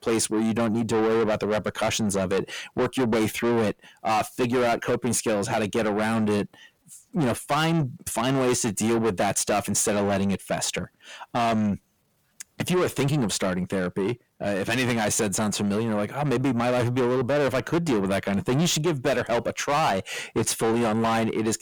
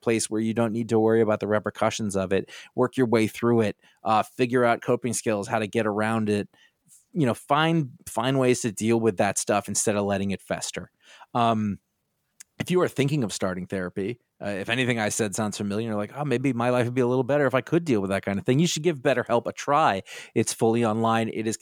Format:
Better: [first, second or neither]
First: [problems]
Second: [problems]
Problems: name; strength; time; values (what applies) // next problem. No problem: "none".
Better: second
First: distortion; heavy; 6 dB below the speech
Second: none